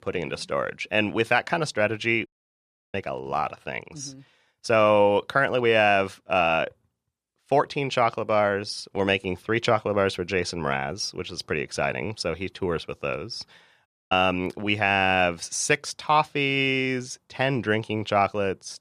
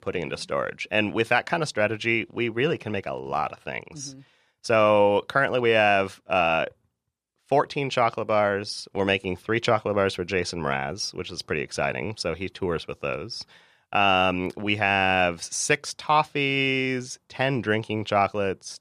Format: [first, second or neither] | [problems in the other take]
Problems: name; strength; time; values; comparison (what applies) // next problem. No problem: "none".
second | audio cutting out; at 2.5 s for 0.5 s and at 14 s